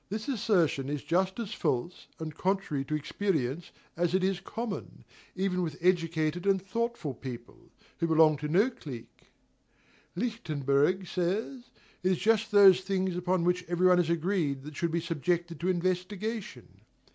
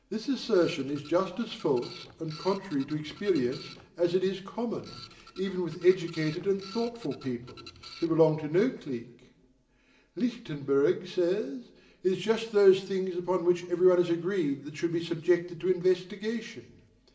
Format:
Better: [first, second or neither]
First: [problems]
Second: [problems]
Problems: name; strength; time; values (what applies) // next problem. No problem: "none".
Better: first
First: none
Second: background sound (Printer); 20 dB below the speech // room echo; dies away in 0.8 s